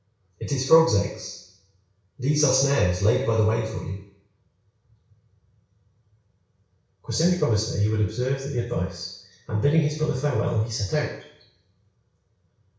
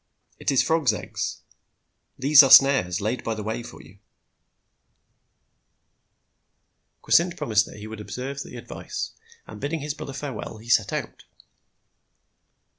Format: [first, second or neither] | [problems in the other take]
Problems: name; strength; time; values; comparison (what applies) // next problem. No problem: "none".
second | room echo; dies away in 0.6 s